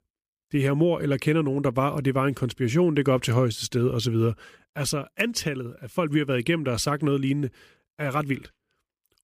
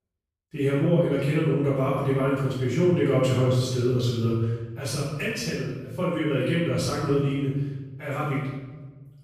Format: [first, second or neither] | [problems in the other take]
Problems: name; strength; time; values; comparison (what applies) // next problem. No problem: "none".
first | off-mic speech; far // room echo; strong; dies away in 1.2 s